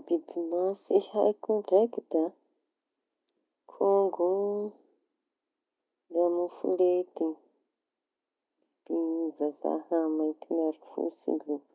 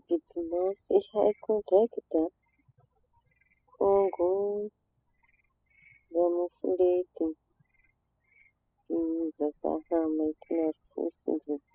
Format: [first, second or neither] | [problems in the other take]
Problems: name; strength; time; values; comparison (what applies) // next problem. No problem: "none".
first | noise reduction (classical method spectral subtraction)